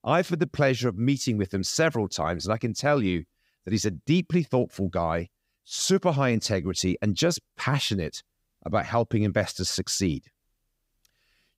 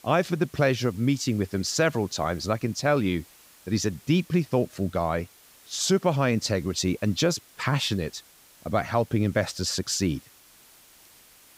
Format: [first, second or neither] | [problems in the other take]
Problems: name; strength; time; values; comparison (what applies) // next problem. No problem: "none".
first | hiss; faint; throughout; 25 dB below the speech